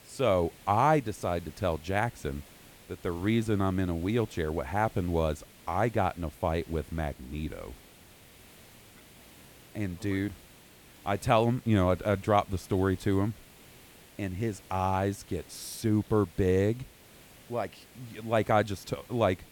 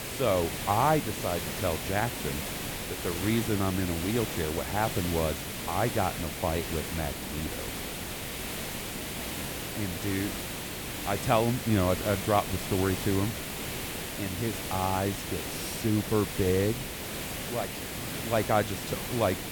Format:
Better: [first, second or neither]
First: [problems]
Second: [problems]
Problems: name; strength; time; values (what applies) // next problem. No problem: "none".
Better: first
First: hiss; faint; throughout; 25 dB below the speech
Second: hiss; loud; throughout; 4 dB below the speech